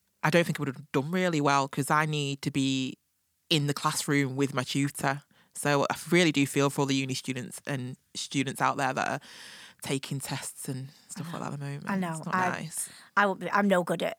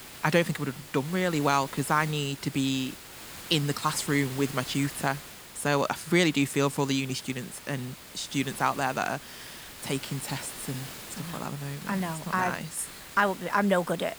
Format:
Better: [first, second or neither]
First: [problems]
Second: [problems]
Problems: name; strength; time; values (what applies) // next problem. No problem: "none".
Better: first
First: none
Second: hiss; noticeable; throughout; 15 dB below the speech